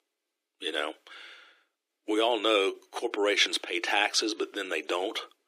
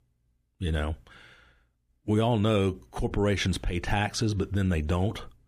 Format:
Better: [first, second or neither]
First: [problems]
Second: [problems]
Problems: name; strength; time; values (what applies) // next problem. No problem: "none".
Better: second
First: thin; very; fading below 300 Hz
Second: none